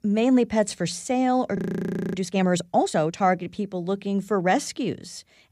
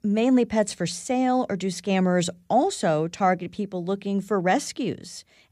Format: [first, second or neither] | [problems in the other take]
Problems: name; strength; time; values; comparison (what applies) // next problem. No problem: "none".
second | audio freezing; at 1.5 s for 0.5 s